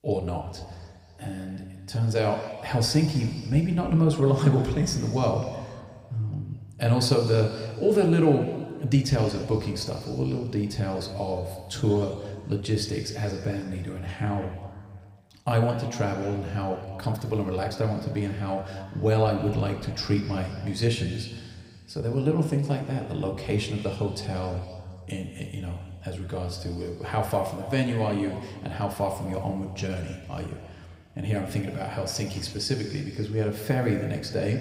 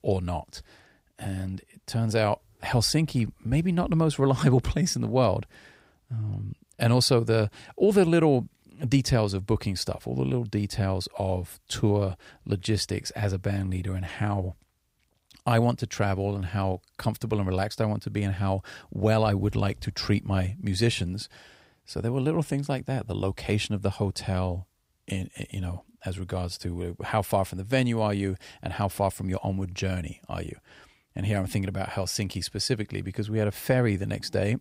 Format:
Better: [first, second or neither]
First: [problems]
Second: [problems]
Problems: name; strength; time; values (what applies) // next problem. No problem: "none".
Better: second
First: room echo; slight; dies away in 2 s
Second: none